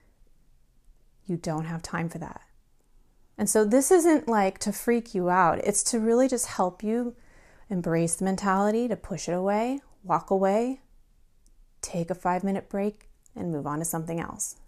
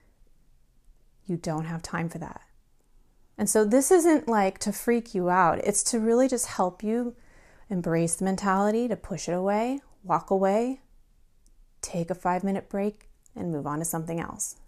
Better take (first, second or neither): neither